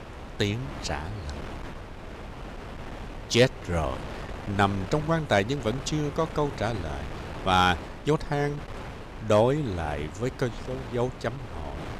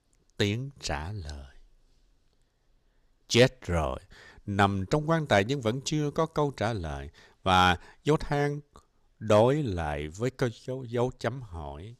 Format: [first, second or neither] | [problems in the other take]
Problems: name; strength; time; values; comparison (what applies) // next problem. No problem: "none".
second | wind noise on the microphone; occasional gusts; 15 dB below the speech